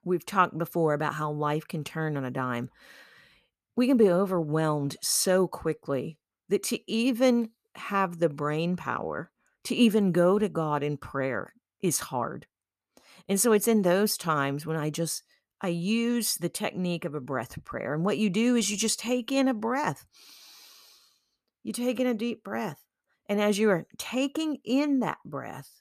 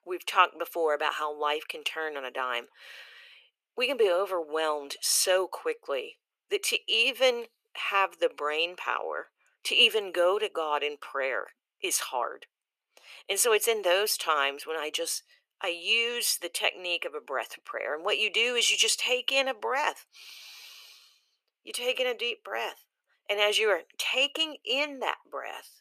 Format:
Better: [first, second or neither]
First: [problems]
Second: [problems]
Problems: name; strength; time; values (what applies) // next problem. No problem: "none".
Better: first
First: none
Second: thin; very; fading below 400 Hz